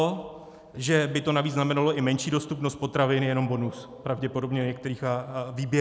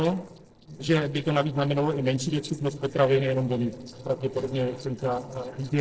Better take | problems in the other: first | noise reduction (neural separator model SepFormer DNS4)

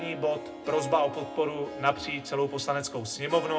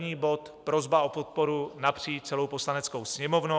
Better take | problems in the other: second | background sound (Harp); 10 dB below the speech // room echo; dies away in 0.2 s

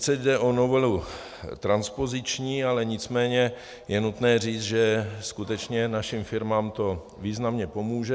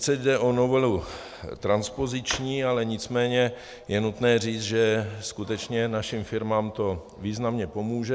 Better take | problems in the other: first | background sound (Drawer open or close); 18 dB below the speech

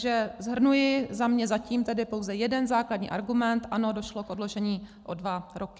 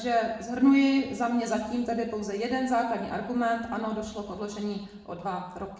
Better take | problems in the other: first | room echo; dies away in 0.8 s

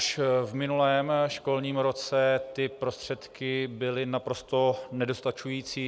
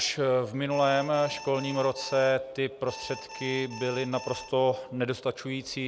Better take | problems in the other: first | background sound (Alarm); 14 dB below the speech

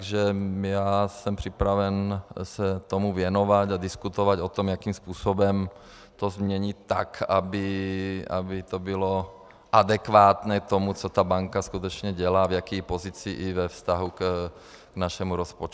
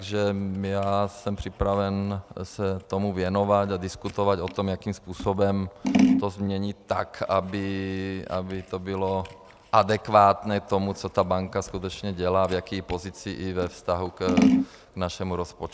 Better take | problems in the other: first | background sound (Scissors); 6 dB below the speech

